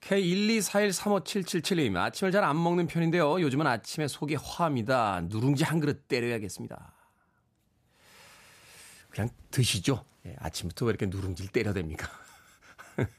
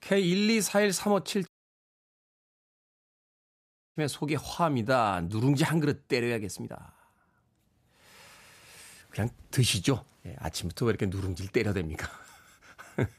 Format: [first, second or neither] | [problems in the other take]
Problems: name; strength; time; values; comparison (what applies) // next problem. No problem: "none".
first | audio cutting out; at 1.5 s for 2.5 s